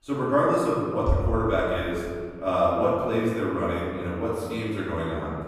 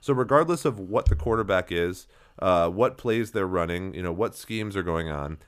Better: second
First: off-mic speech; far // room echo; strong; dies away in 1.7 s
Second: none

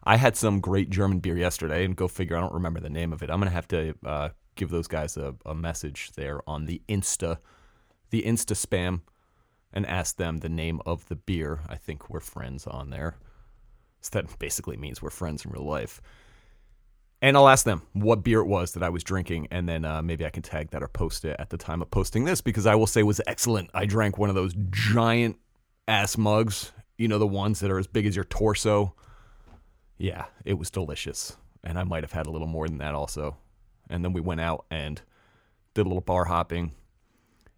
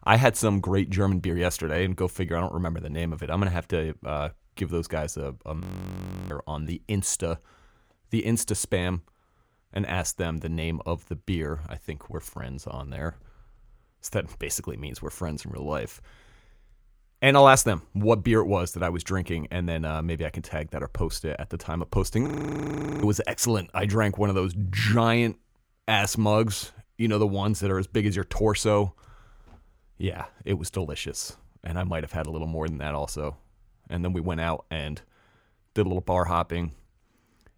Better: first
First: none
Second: audio freezing; at 5.5 s for 0.5 s and at 22 s for 1 s

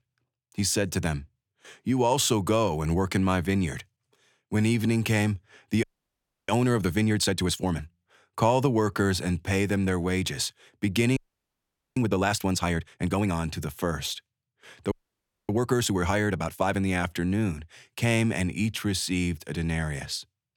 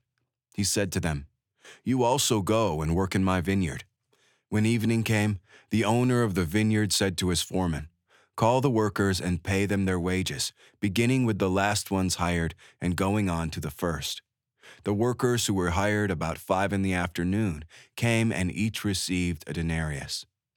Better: second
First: audio freezing; at 6 s for 0.5 s, at 11 s for 1 s and at 15 s for 0.5 s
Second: none

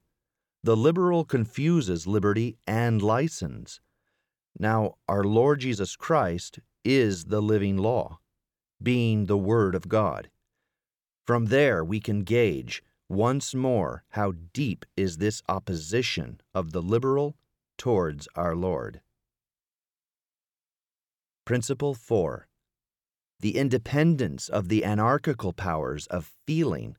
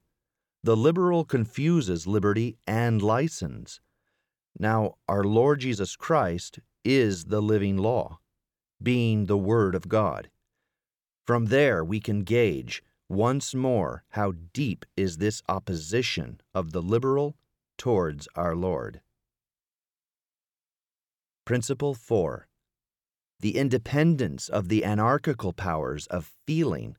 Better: neither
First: none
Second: none

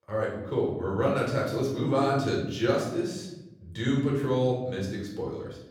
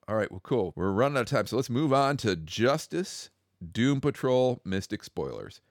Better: second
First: off-mic speech; far // room echo; noticeable; dies away in 1 s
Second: none

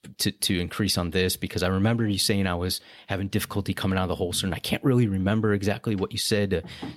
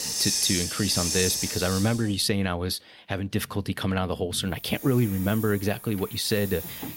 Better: first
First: none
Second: hiss; loud; throughout; 2 dB below the speech

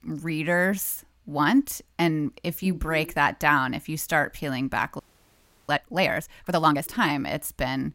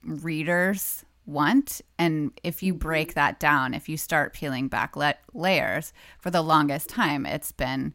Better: second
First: audio freezing; at 5 s for 0.5 s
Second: none

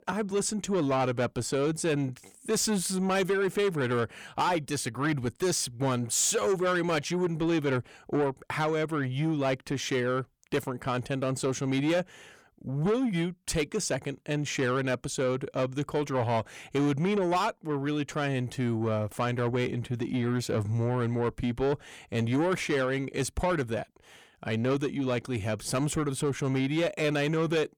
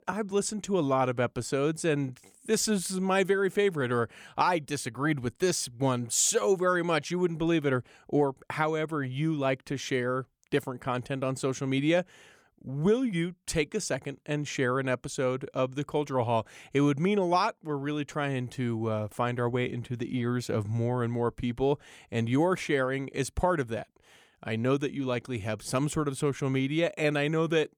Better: second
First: distortion; slight; 10 dB below the speech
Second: none

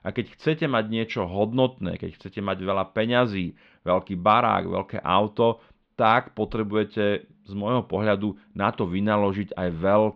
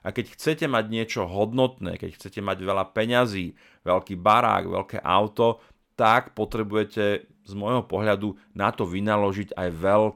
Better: second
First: muffled; slightly; fading above 4 kHz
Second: none

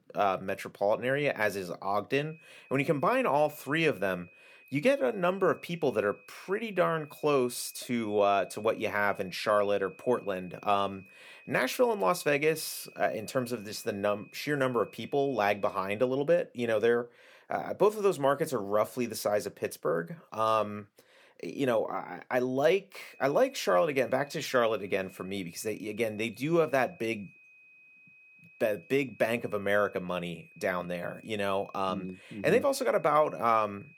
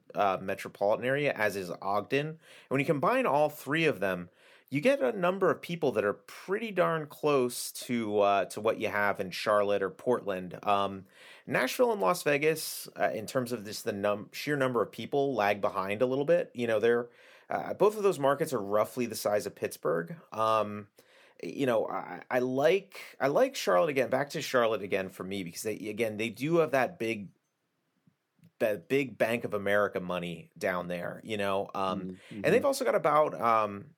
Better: second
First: high-pitched whine; faint; from 2 to 16 s and from 23 s on; 2.5 kHz, 25 dB below the speech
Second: none

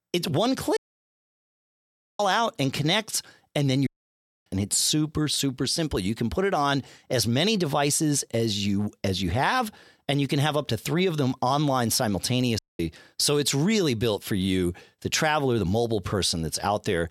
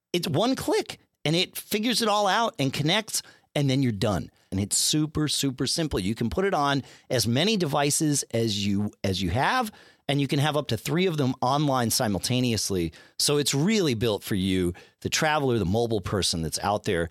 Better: second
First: audio cutting out; at 1 s for 1.5 s, at 4 s for 0.5 s and at 13 s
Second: none

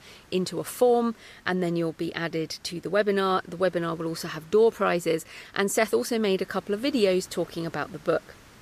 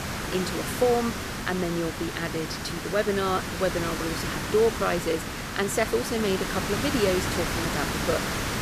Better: first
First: hiss; faint; throughout; 25 dB below the speech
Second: hiss; loud; throughout; 2 dB below the speech

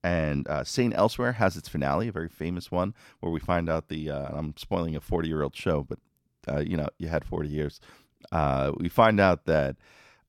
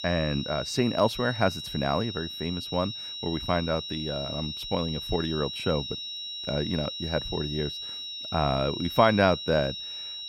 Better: first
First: none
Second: high-pitched whine; loud; throughout; 4 kHz, 6 dB below the speech

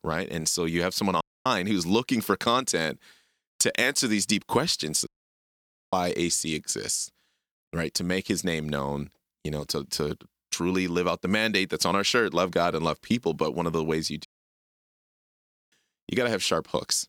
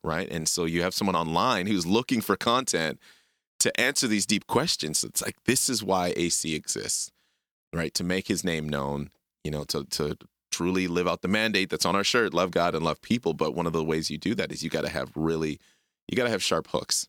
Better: second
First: audio cutting out; at 1 s, at 5 s for 1 s and at 14 s for 1.5 s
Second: none

